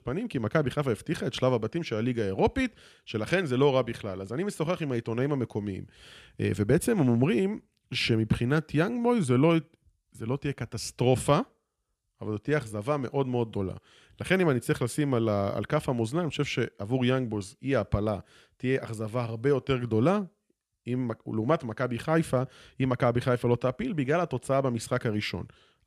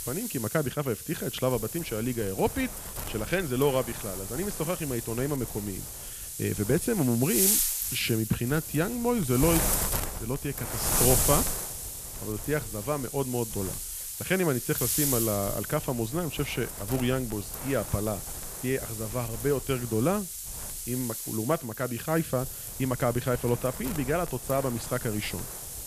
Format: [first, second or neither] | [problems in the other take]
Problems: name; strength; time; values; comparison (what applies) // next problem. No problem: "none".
first | wind noise on the microphone; heavy; 4 dB below the speech